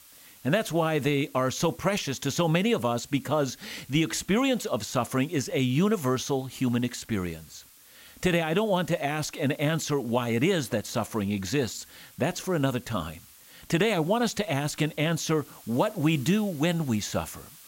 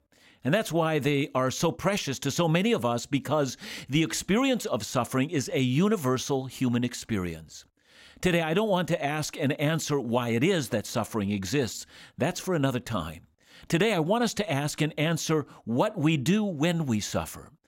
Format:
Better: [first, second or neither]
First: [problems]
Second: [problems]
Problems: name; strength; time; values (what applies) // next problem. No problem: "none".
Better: second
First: hiss; faint; throughout; 25 dB below the speech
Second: none